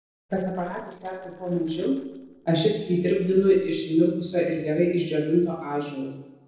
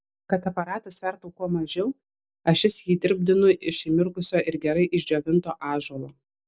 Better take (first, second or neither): second